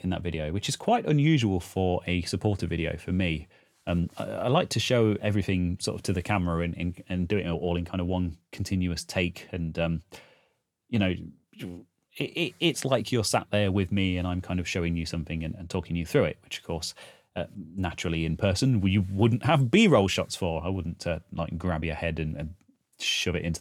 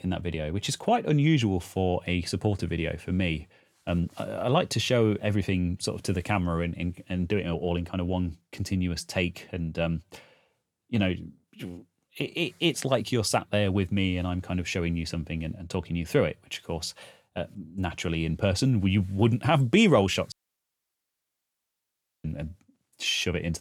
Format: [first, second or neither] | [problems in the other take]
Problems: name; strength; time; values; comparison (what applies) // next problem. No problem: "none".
first | audio cutting out; at 20 s for 2 s